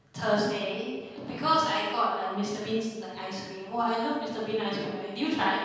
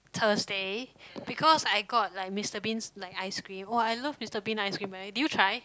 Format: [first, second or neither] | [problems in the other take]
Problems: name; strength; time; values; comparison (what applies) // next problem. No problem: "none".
second | room echo; dies away in 1.2 s